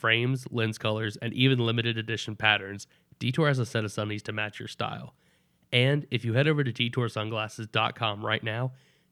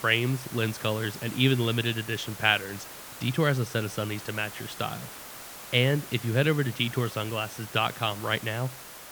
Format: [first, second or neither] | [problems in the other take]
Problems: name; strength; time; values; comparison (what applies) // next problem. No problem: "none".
first | hiss; noticeable; throughout; 15 dB below the speech